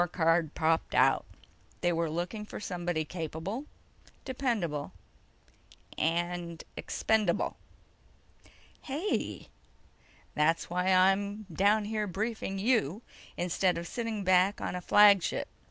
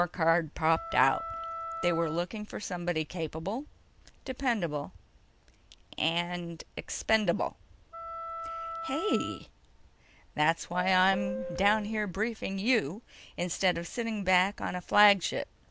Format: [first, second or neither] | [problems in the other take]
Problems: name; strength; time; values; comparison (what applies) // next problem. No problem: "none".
first | background sound (Subway, metro, underground / Doorbell + Wind instrument, woodwind instrument); 8 dB below the speech